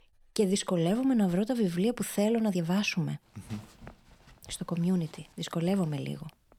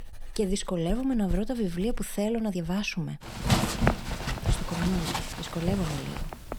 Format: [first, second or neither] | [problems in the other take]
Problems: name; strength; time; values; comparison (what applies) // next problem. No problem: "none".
first | household noises; loud; throughout; 1 dB below the speech; faint in the first